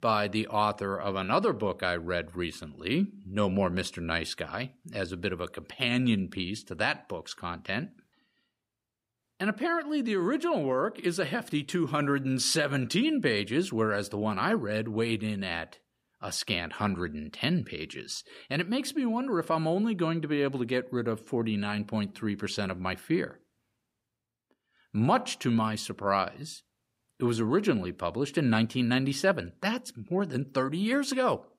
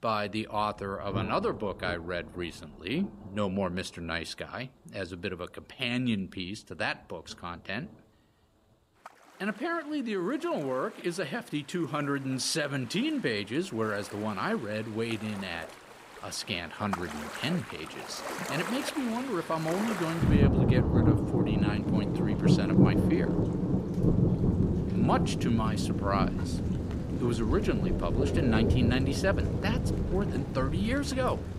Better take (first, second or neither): first